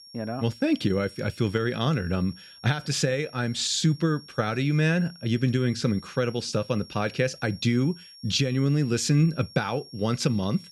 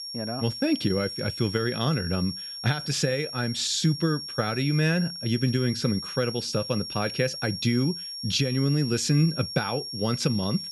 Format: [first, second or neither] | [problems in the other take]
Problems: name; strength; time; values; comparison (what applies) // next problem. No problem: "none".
first | high-pitched whine; loud; throughout; 5.5 kHz, 7 dB below the speech; faint in the first